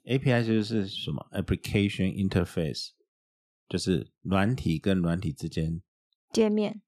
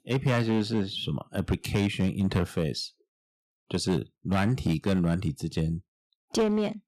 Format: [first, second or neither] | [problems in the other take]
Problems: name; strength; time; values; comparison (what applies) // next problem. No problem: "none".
first | distortion; slight; 5% of the sound clipped